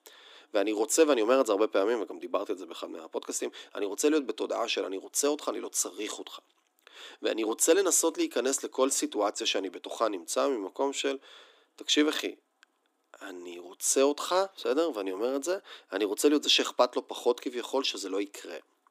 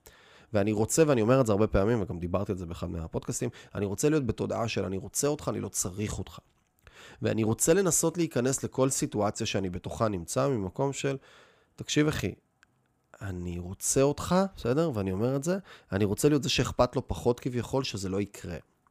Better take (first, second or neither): second